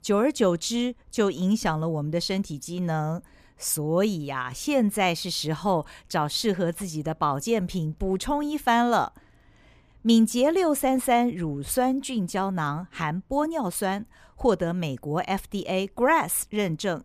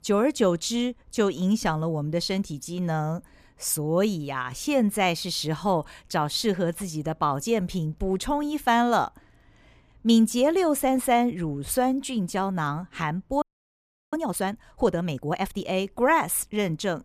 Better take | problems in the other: first | audio freezing; at 13 s for 0.5 s

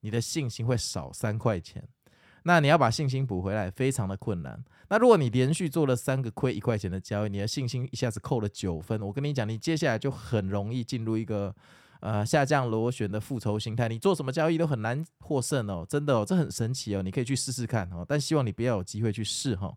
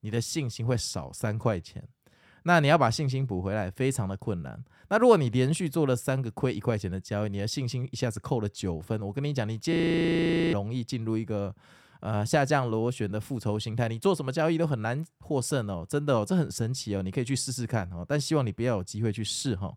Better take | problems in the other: first | audio freezing; at 9.5 s for 1 s

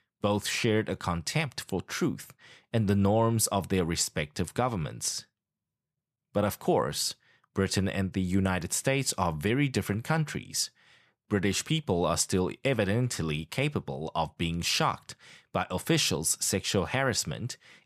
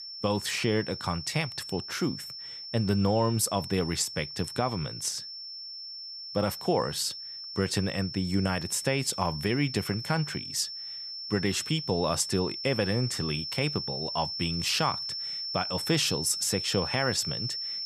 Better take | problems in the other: first | high-pitched whine; loud; throughout; 5.5 kHz, 6 dB below the speech

